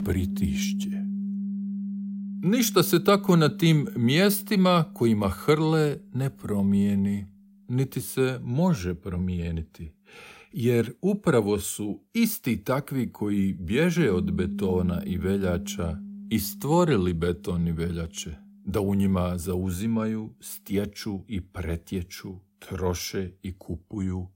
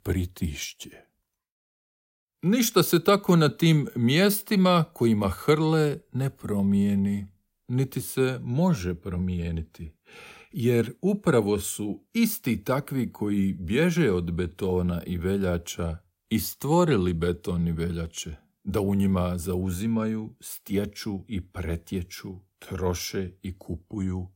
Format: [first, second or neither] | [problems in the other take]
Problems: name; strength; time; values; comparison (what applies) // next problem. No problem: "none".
second | background music; loud; throughout; 9 dB below the speech